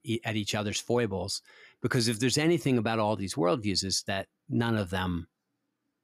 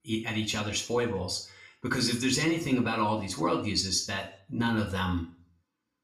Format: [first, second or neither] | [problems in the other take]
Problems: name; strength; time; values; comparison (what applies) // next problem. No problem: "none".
first | room echo; slight; dies away in 0.4 s // off-mic speech; somewhat distant